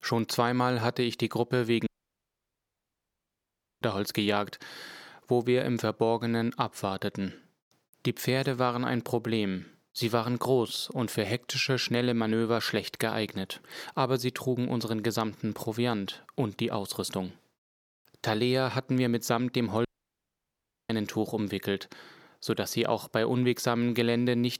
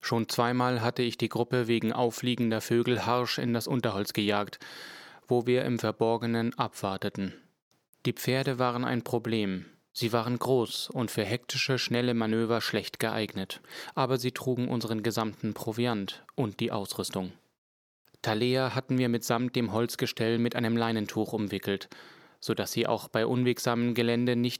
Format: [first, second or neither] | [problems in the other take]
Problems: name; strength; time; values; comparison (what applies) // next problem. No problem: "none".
second | audio cutting out; at 2 s for 2 s and at 20 s for 1 s